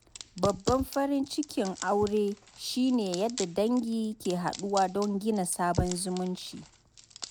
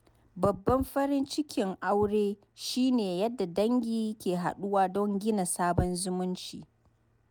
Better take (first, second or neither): second